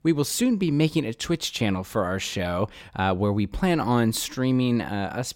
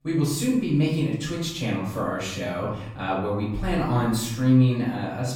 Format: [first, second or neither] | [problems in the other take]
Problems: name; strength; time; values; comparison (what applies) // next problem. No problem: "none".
first | off-mic speech; far // room echo; noticeable; dies away in 0.7 s